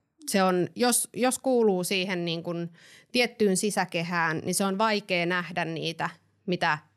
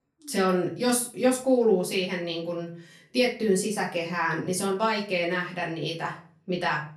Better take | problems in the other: first | off-mic speech; far // room echo; slight; dies away in 0.3 s

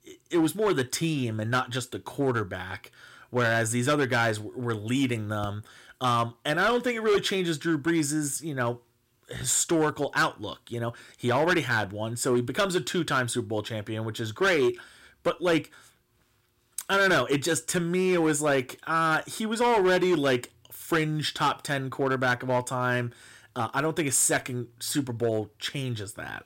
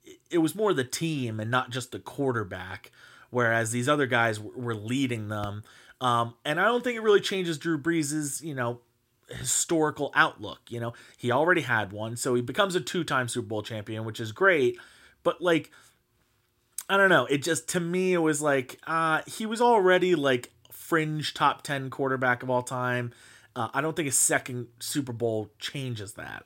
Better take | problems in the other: second | distortion; slight; 6% of the sound clipped

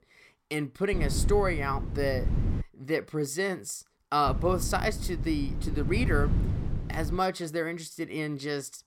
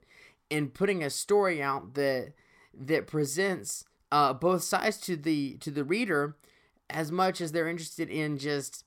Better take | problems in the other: second | wind noise on the microphone; occasional gusts; from 1 to 2.5 s and from 4.5 to 7 s; 15 dB below the speech

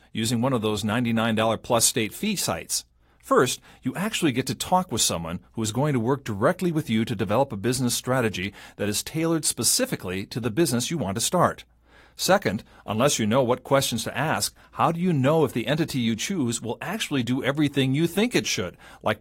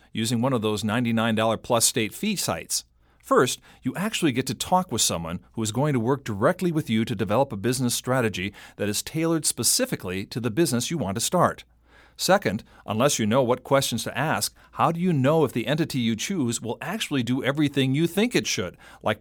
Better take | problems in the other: second | garbled, watery; slightly; nothing above 15.5 kHz

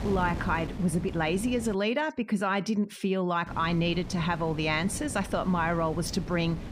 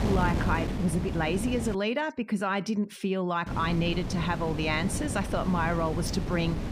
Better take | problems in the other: first | wind noise on the microphone; heavy; until 2 s and from 3.5 s on; 9 dB below the speech; occasional gusts in the first

